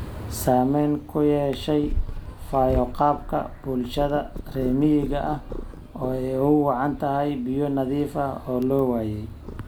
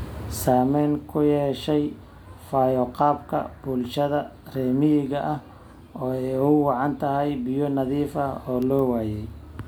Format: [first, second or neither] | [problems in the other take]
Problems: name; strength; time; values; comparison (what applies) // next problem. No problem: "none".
second | background sound (Purr); 11 dB below the speech